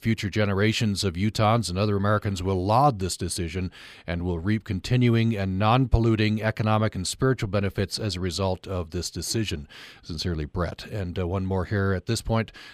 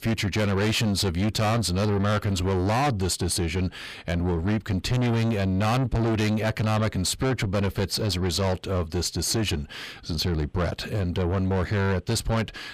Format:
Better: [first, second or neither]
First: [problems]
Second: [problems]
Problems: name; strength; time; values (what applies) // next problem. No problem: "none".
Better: first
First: none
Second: distortion; heavy; 6 dB below the speech